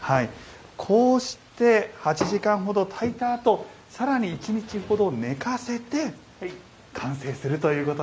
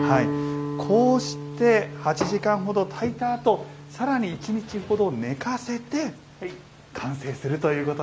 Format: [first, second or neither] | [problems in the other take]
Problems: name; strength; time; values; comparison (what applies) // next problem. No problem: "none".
first | background sound (Guitar); 9 dB below the speech